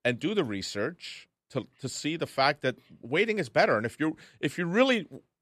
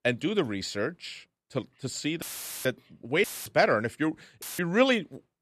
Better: first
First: none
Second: audio cutting out; filled with static; at 2 s, at 3 s and at 4.5 s

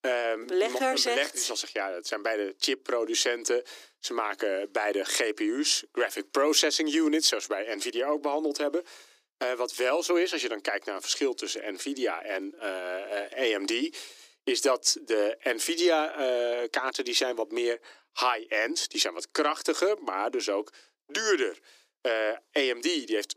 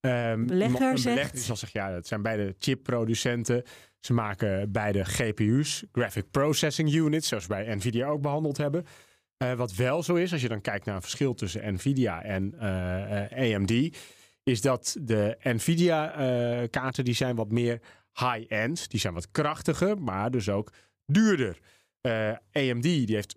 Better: second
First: thin; somewhat; fading below 300 Hz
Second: none

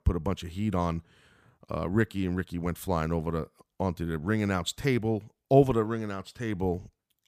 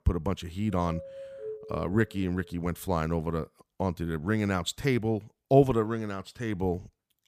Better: first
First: none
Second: doorbell; faint; from 0.5 to 2.5 s; peak 10 dB below the speech

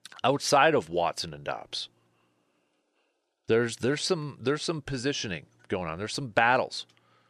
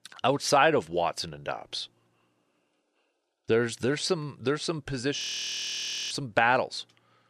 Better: first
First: none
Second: audio freezing; at 5 s for 1 s

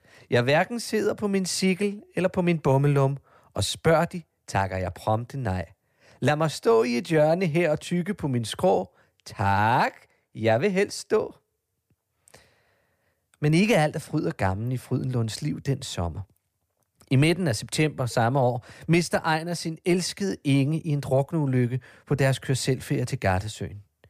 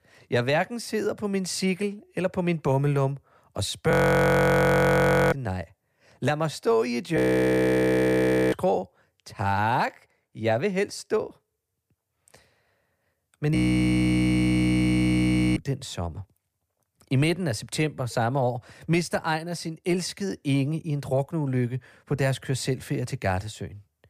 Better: first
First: none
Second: audio freezing; at 4 s for 1.5 s, at 7 s for 1.5 s and at 14 s for 2 s

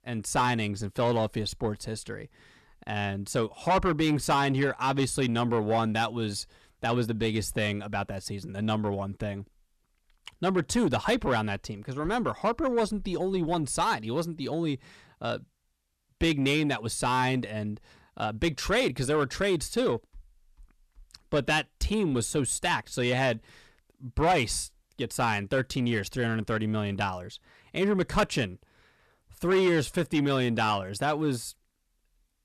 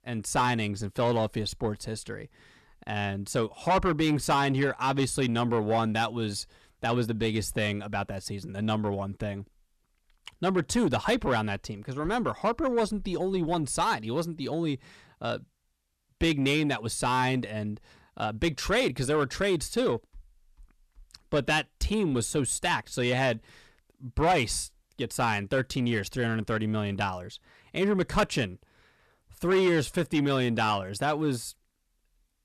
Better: neither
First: distortion; slight; 10 dB below the speech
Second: distortion; slight; 10 dB below the speech

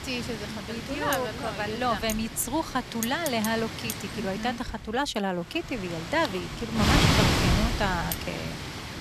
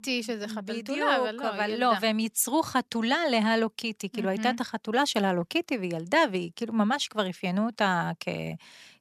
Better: second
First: wind noise on the microphone; heavy; 1 dB below the speech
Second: none

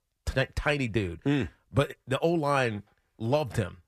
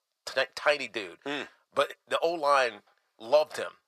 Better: first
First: none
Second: thin; very; fading below 600 Hz

